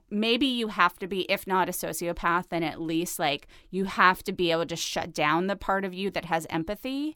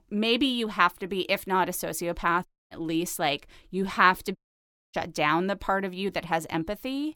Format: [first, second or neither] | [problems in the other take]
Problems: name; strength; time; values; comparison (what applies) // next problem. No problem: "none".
first | audio cutting out; at 2.5 s and at 4.5 s for 0.5 s